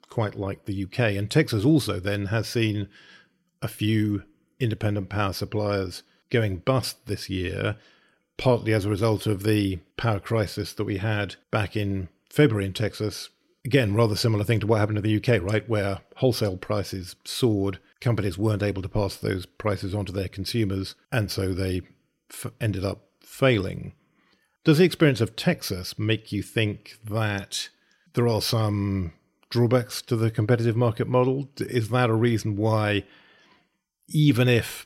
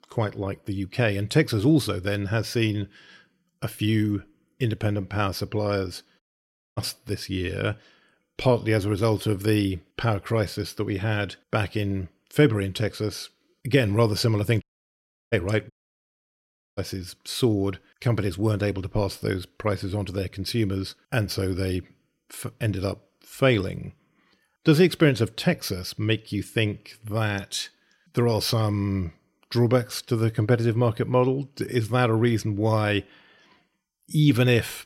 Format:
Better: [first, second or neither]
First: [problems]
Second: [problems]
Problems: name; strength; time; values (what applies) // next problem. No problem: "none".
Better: first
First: none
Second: audio cutting out; at 6 s for 0.5 s, at 15 s for 0.5 s and at 16 s for 1 s